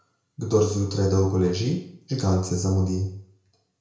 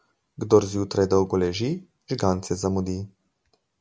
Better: second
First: room echo; dies away in 0.5 s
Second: none

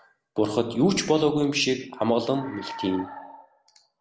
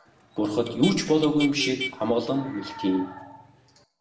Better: first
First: none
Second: background sound (Motor vehicle (road)); 13 dB below the speech // room echo; dies away in 0.6 s

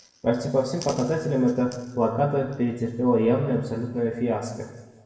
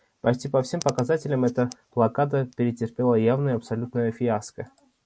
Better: second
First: room echo; dies away in 1.1 s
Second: none

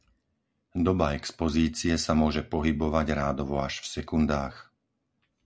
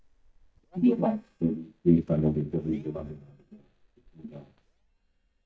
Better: first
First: none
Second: noise reduction (neural mask model DeepFilterNet 3)

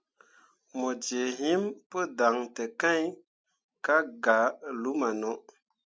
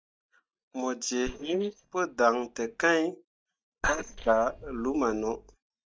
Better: first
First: none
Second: noise reduction (neural mask model DeepFilterNet 3)

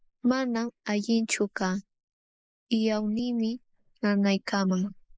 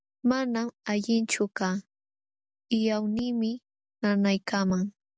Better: second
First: noise reduction (neural mask model Resemble Enhance denoiser)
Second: none

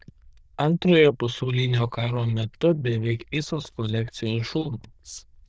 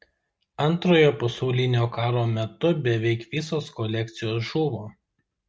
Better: second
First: noise reduction (neural diffusion model UNIVERSE++)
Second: none

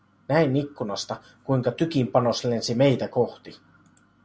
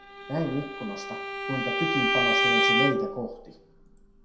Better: first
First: none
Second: background sound (Bowed string instrument); 4 dB above the speech // room echo; dies away in 0.6 s

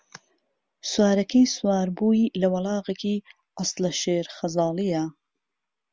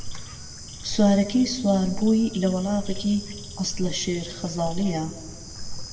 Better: first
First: none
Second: background sound (Bird / Insect); 8 dB below the speech // room echo; dies away in 1.2 s

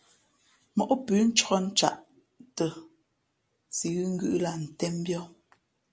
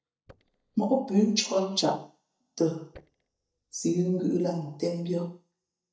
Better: first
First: none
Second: noise reduction (neural mask model DeepFilterNet 3)

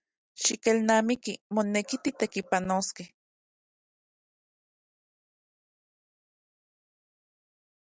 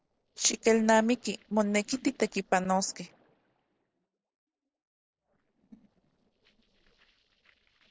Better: first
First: none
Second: noise reduction (neural separator model SepFormer DNS4)

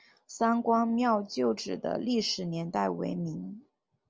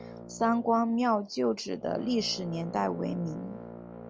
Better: first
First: none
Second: background sound (Brass instrument); 14 dB below the speech

